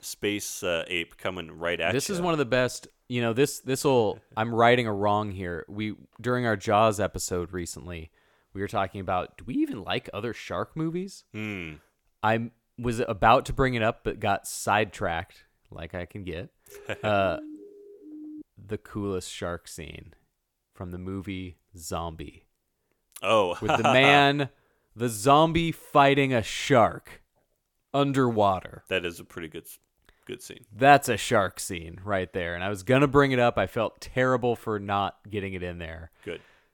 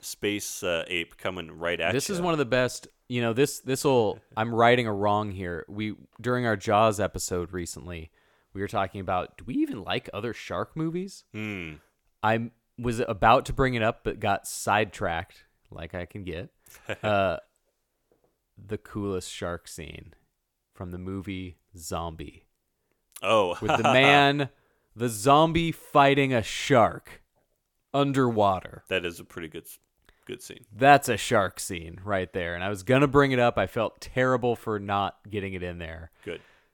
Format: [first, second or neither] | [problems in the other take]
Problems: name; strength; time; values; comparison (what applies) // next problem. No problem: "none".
second | siren; faint; from 17 to 18 s; peak 15 dB below the speech